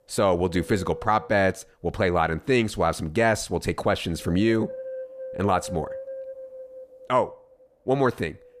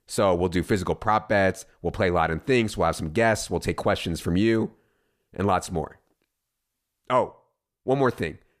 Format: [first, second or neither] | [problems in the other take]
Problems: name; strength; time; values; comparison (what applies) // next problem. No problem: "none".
second | wind noise on the microphone; occasional gusts; 15 dB below the speech